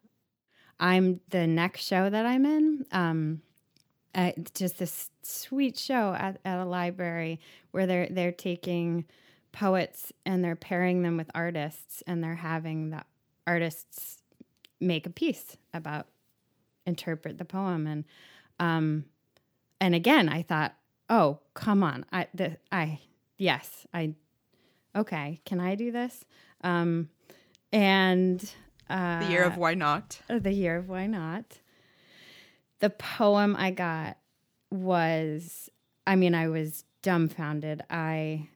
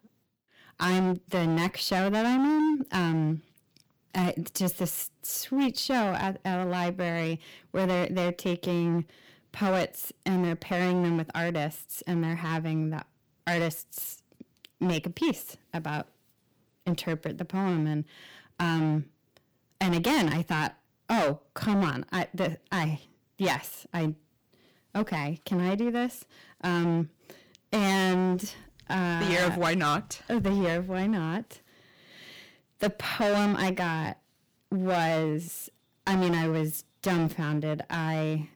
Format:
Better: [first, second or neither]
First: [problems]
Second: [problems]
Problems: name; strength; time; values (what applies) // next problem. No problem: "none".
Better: first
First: none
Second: distortion; heavy; 12% of the sound clipped